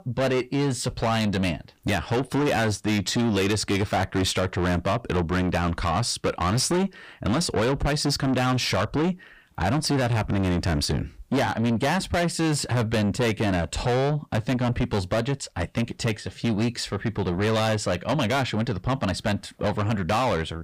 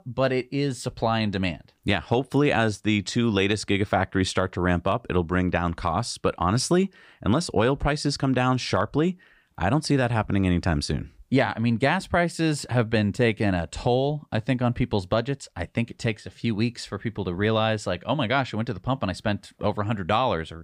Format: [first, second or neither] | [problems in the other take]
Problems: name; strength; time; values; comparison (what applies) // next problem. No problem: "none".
second | distortion; heavy; 6 dB below the speech